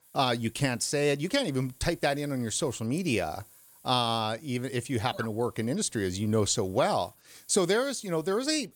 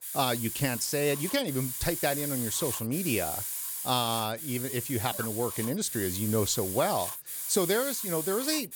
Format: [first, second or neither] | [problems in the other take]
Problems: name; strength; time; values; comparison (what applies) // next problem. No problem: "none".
first | hiss; loud; throughout; 3 dB below the speech; faint in the first